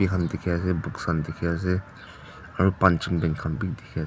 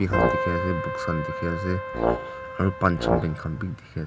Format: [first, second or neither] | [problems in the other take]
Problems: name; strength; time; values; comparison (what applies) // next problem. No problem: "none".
first | background sound (Brass instrument + Keyboard (musical)); as loud as the speech